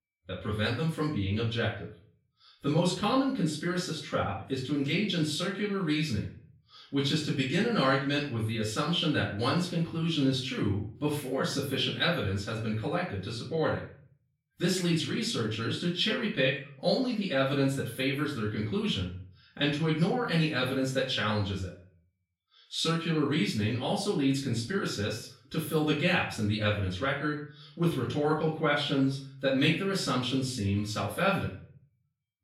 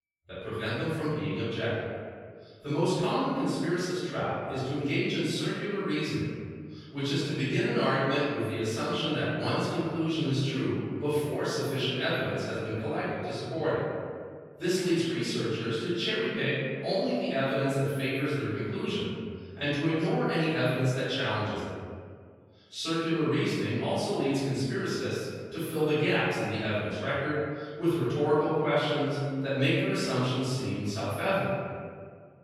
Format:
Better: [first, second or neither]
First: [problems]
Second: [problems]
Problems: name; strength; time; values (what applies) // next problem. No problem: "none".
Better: first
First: room echo; slight; dies away in 0.4 s // off-mic speech; far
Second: room echo; strong; dies away in 1.9 s // off-mic speech; far